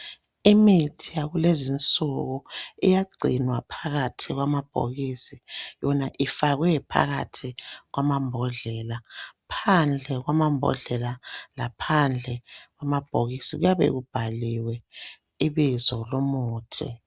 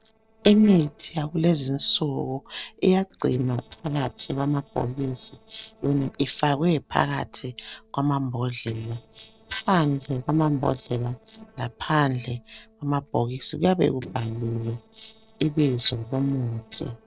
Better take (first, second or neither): first